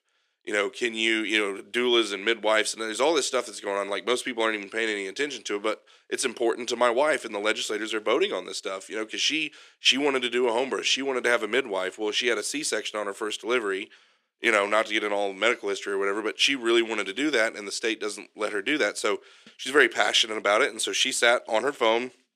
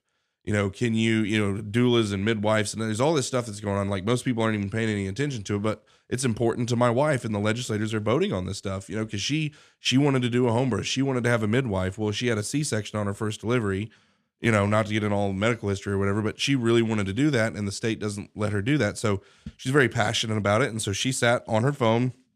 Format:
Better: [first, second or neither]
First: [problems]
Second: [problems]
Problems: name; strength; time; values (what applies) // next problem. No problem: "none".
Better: second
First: thin; somewhat; fading below 350 Hz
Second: none